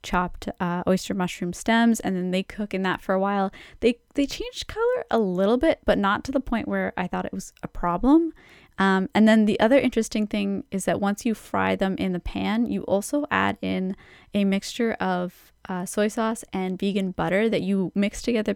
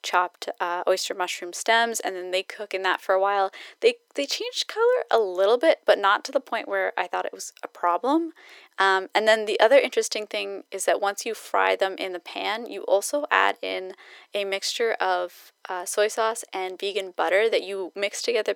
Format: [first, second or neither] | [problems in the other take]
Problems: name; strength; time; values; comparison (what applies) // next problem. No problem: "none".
first | thin; very; fading below 400 Hz